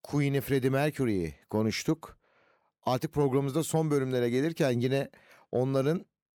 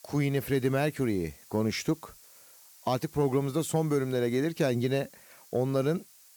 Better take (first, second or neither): first